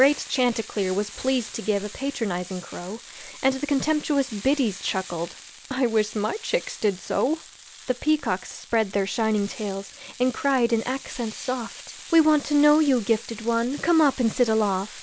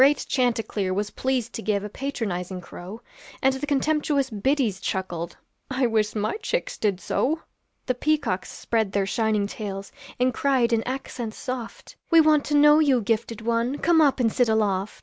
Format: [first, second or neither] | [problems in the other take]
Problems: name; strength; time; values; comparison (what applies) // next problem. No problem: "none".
second | background sound (Frying (food)); 17 dB below the speech